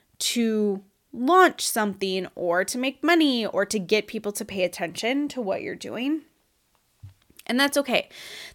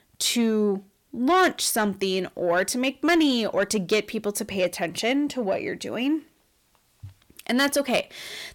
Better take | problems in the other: first | distortion; slight; 10 dB below the speech

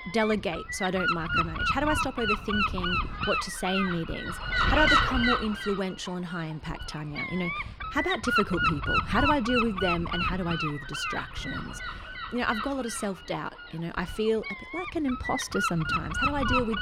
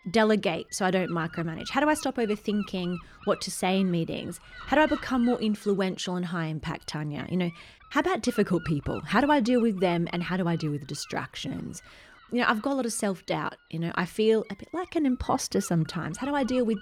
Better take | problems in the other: second | wind noise on the microphone; heavy; 4 dB above the speech; occasional gusts in the second

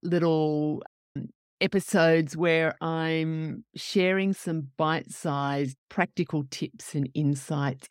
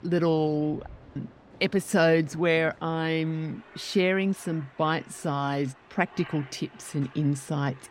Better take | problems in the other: first | train or aircraft noise; faint; throughout; 25 dB below the speech

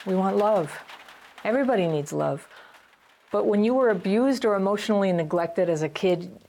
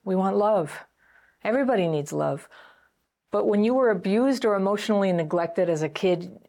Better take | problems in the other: second | rain or running water; faint; throughout; 25 dB below the speech

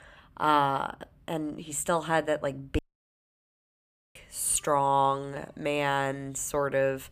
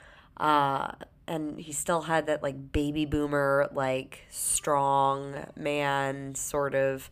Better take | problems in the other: second | audio cutting out; at 3 s for 1.5 s

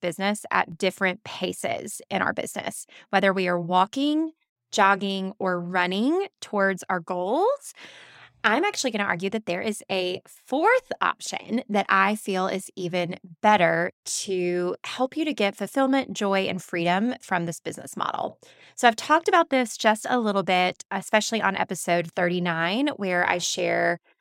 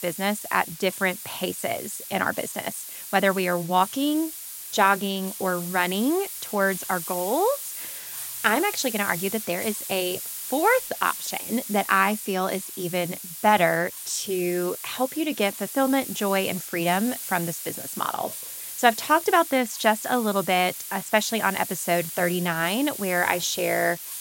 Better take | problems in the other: first | hiss; loud; throughout; 8 dB below the speech

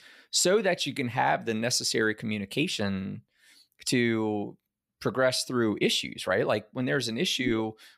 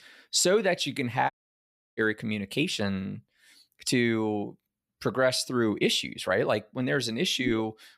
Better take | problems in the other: first | audio cutting out; at 1.5 s for 0.5 s

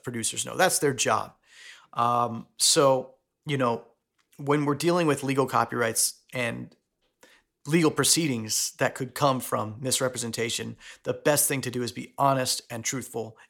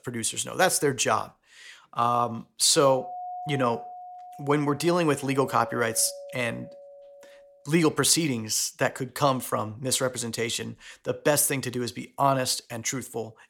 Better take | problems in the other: first | doorbell; faint; from 3 to 7.5 s; peak 10 dB below the speech

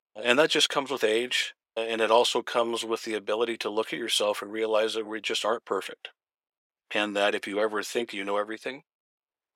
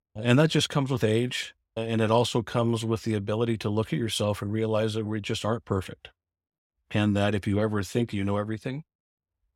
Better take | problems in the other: second | thin; very; fading below 400 Hz

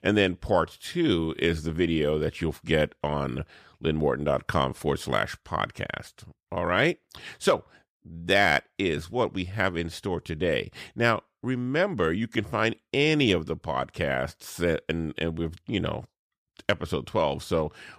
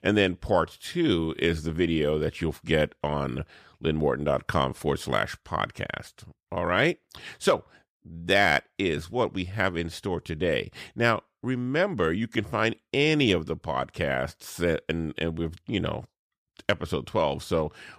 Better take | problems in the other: neither | none

